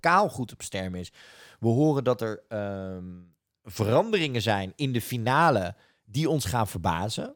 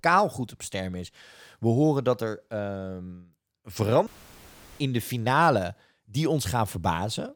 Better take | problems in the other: first | audio cutting out; at 4 s for 0.5 s

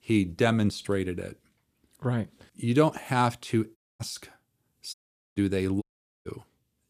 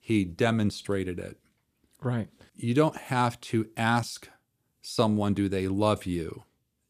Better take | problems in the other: second | audio cutting out; at 4 s, at 5 s and at 6 s

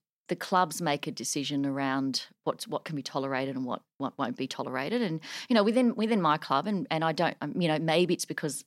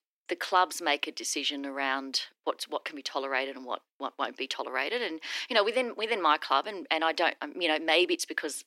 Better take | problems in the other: first | thin; somewhat; fading below 300 Hz

